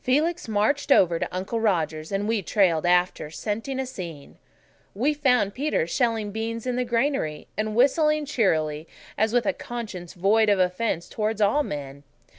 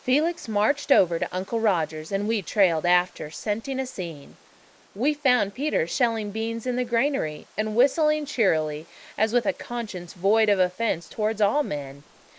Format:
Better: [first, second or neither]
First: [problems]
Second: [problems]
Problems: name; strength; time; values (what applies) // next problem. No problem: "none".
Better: first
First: none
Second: noise reduction (neural mask model Resemble Enhance denoiser)